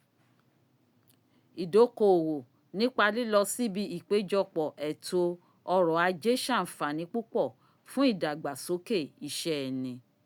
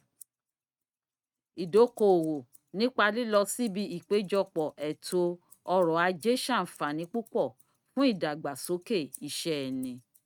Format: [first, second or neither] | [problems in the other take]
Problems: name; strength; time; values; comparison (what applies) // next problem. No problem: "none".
first | noise reduction (neural mask model RNNoise)